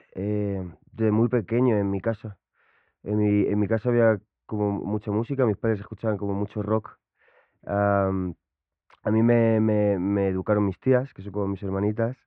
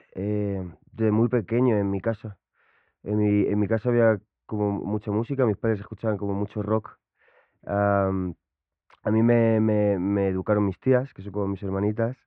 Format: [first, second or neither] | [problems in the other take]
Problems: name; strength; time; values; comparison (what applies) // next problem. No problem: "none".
neither | muffled; very; fading above 2 kHz; the same in both